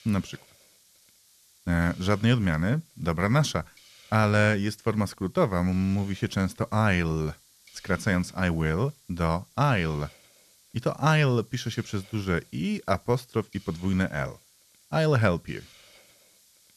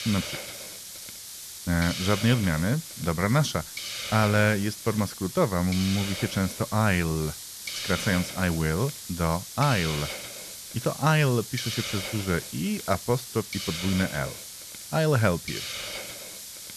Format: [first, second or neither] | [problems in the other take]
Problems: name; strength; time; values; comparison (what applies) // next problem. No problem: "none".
first | hiss; loud; throughout; 8 dB below the speech; faint in the first